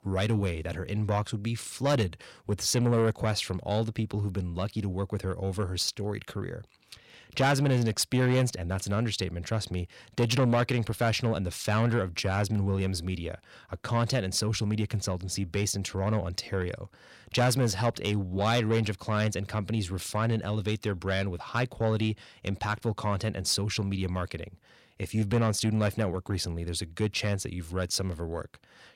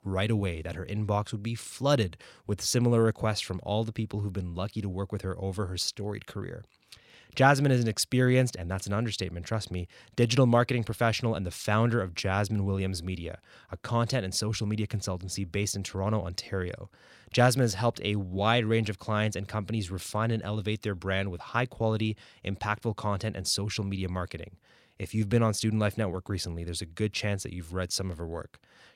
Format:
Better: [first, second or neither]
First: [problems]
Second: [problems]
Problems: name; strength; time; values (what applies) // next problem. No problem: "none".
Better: second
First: distortion; slight; 10 dB below the speech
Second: none